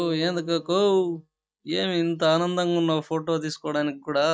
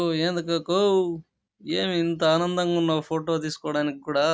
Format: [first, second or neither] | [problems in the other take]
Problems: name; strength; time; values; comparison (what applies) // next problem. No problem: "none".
second | noise reduction (neural mask model DeepFilterNet 3)